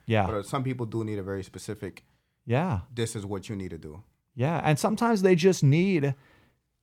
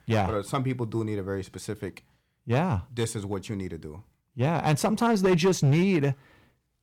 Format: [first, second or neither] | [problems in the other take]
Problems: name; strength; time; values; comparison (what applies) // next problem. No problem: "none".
first | distortion; slight; 4% of the sound clipped